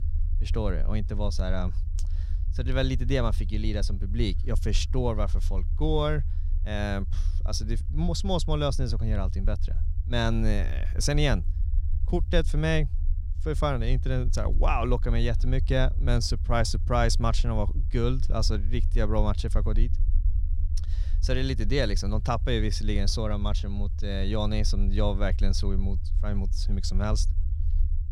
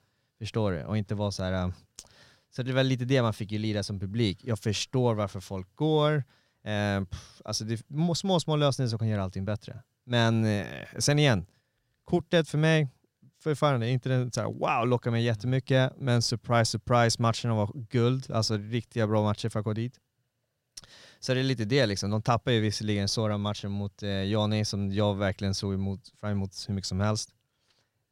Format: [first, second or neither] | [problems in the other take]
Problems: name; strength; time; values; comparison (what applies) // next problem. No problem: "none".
second | low rumble; noticeable; throughout; 20 dB below the speech